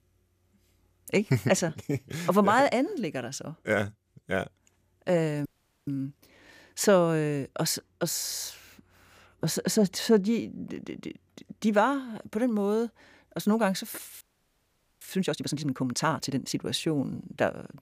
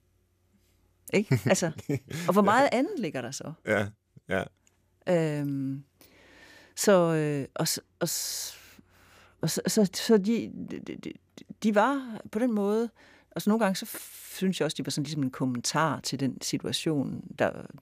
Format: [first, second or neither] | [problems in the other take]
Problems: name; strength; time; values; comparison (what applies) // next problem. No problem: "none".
second | audio freezing; at 5.5 s and at 14 s for 1 s